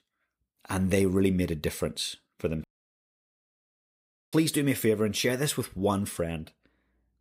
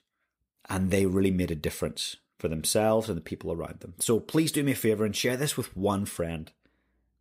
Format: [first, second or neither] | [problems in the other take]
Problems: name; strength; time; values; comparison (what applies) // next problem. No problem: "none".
second | audio cutting out; at 2.5 s for 1.5 s